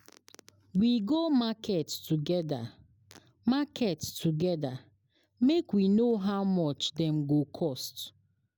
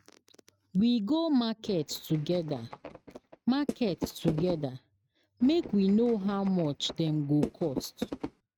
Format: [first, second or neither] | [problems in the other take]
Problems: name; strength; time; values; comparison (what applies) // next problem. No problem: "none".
first | noise reduction (neural mask model RNNoise)